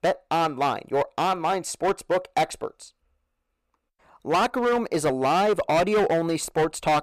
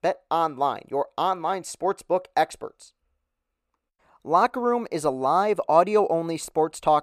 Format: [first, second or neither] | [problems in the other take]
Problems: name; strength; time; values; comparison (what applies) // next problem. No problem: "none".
second | distortion; heavy; 12% of the sound clipped